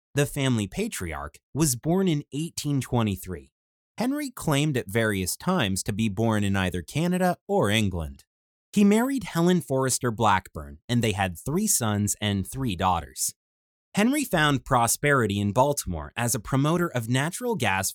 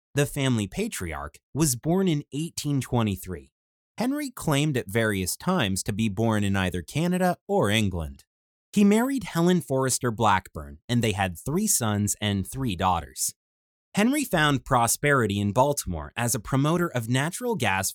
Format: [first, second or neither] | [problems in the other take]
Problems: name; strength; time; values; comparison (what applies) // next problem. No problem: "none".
neither | none